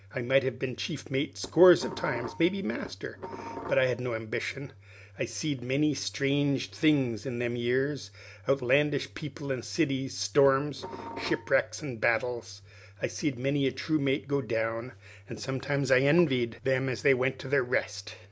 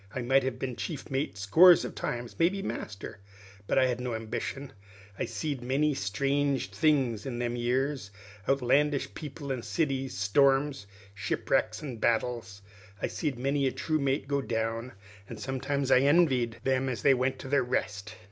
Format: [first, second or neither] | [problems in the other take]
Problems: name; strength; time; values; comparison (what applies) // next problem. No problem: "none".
second | background sound (Dishes, pots, and pans); 13 dB below the speech